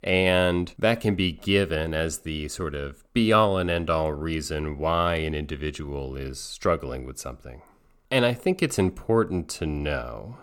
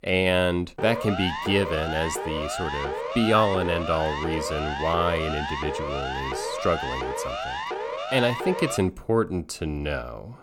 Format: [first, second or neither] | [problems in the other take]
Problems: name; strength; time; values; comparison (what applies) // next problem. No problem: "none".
first | siren; noticeable; from 1 to 9 s; peak 4 dB below the speech